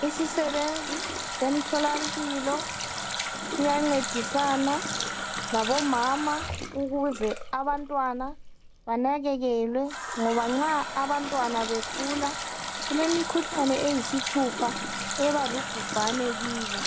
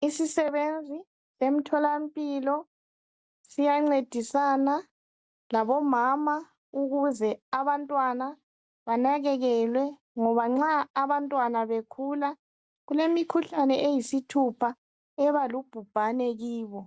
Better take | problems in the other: second | background sound (Water tap, faucet); 5 dB below the speech

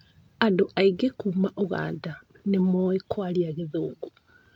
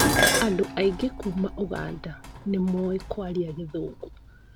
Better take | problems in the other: first | background sound (Dishes, pots, and pans); 1 dB below the speech

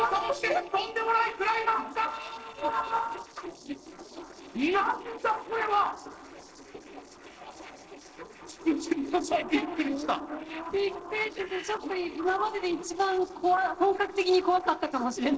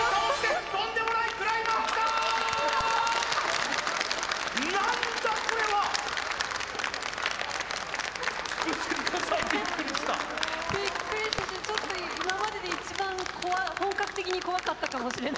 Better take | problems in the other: second | noise reduction (neural separator model SepFormer DNS4)

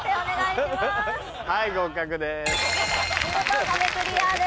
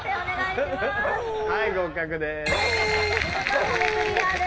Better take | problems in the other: first | background sound (Dog); 2 dB below the speech // room echo; dies away in 2 s

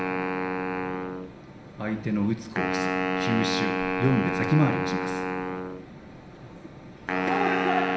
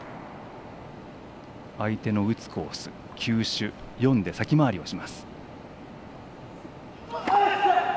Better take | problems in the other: second | background sound (Wind instrument, woodwind instrument); as loud as the speech // room echo; dies away in 0.9 s

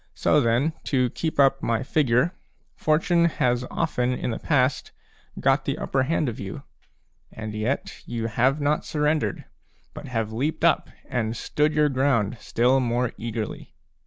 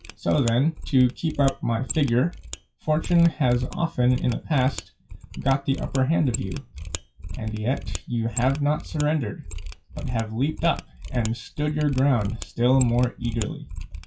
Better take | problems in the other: first | noise reduction (classical method WPE with log-MMSE)

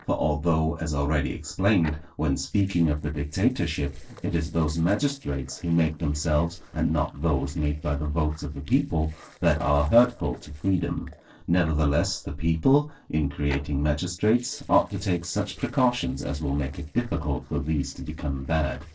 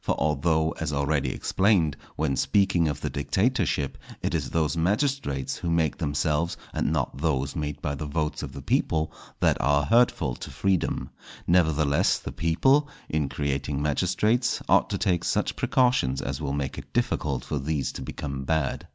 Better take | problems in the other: second | noise reduction (neural separator model SepFormer DNS4)

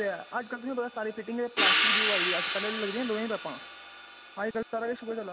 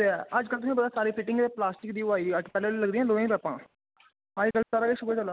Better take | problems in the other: second | background sound (Hi-hat); 2 dB above the speech

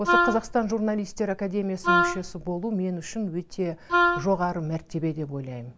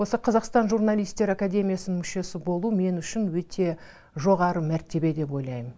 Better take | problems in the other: second | background sound (Wind instrument, woodwind instrument); 2 dB above the speech

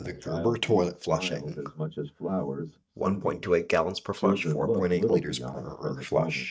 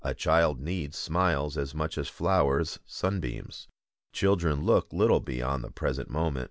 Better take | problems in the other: second | noise reduction (neural mask model DeepFilterNet 3)

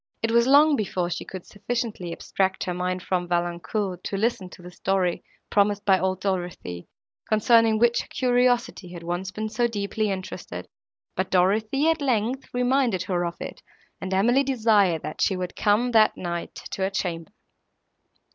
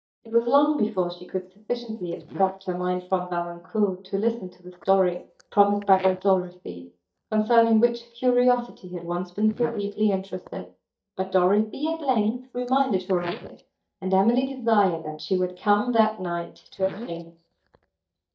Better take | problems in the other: first | noise reduction (neural mask model DeepFilterNet 3)

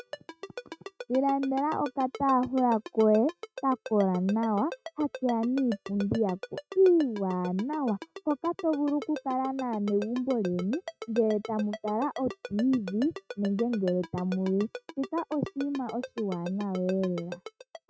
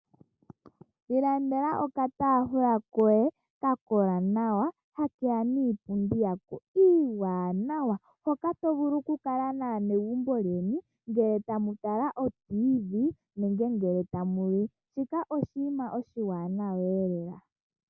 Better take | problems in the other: second | noise reduction (neural mask model RNNoise)

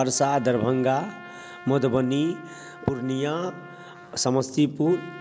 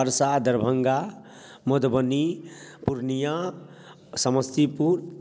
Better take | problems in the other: second | background sound (Trumpet); 19 dB below the speech

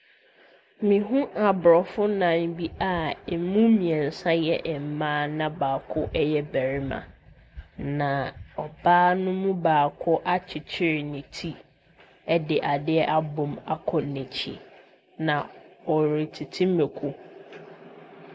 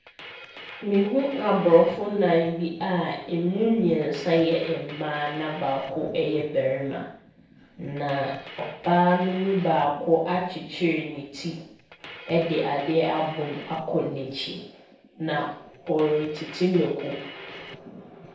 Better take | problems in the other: first | noise reduction (neural separator model SepFormer DNS4)

